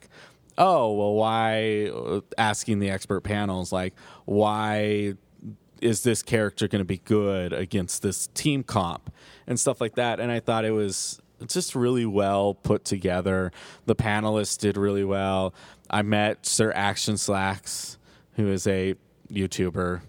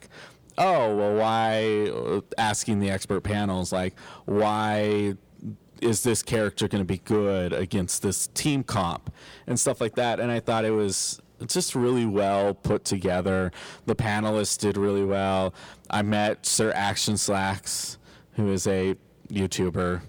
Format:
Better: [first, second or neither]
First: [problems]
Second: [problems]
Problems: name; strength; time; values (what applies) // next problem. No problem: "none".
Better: first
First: none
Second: distortion; slight; 10 dB below the speech